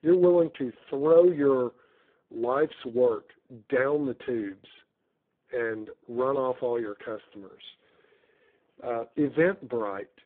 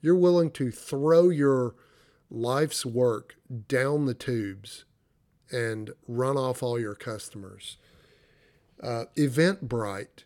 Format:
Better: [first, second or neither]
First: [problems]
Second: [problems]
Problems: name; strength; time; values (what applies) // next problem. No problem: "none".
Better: second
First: phone-call audio; poor line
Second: none